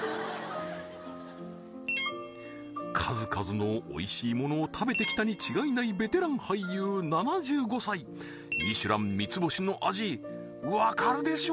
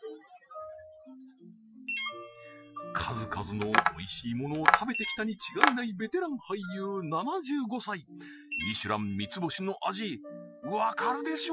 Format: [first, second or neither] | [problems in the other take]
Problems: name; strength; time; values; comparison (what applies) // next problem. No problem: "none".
first | noise reduction (classical method Wiener filter)